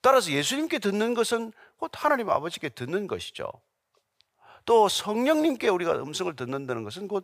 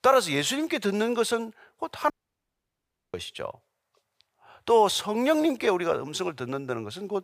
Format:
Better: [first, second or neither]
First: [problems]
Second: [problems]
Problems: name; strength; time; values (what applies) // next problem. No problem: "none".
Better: first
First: none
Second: audio cutting out; at 2 s for 1 s